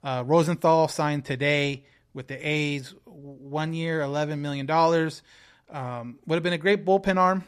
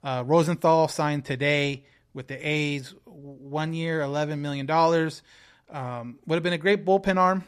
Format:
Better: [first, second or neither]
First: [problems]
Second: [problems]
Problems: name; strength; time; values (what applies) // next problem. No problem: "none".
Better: neither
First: none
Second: none